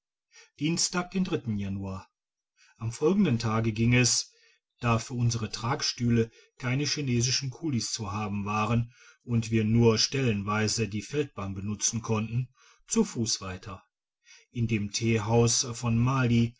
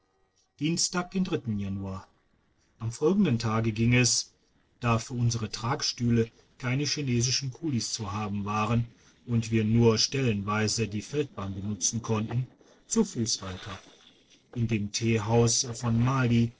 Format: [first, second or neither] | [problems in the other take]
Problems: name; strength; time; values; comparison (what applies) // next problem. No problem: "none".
first | noise reduction (neural separator model SepFormer DNS4)